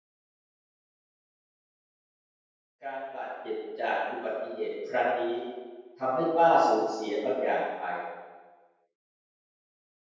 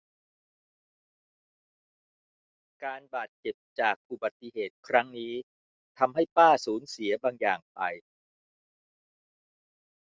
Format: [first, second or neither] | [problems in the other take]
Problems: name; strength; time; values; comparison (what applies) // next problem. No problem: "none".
second | room echo; dies away in 1.2 s